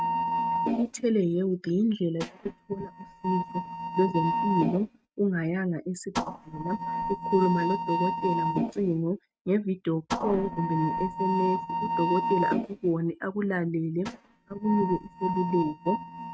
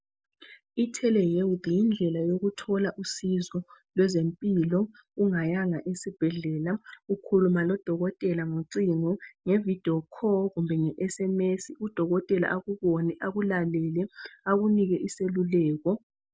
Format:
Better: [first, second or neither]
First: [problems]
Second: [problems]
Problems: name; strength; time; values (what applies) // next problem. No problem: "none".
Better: second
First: noise reduction (neural mask model RNNoise)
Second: none